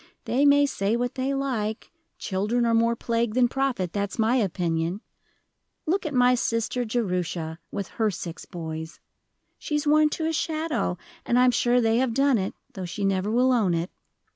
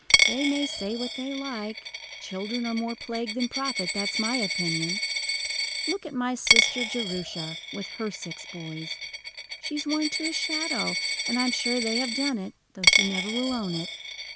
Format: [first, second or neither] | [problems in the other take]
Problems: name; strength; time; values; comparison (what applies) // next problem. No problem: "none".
first | background sound (Coin (dropping)); 3 dB above the speech